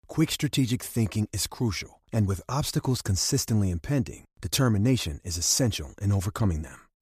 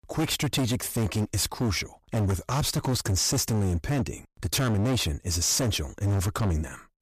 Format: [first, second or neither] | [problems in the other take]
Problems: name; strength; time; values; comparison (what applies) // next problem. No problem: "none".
first | distortion; heavy; 24% of the sound clipped